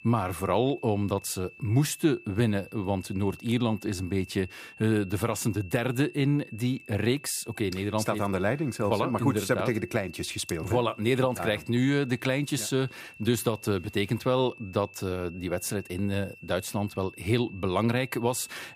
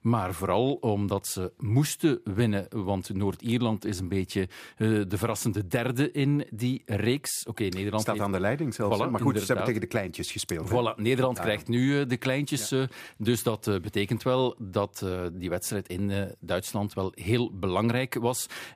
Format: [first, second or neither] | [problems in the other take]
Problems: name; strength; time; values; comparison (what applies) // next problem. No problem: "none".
second | high-pitched whine; noticeable; throughout; 2.5 kHz, 20 dB below the speech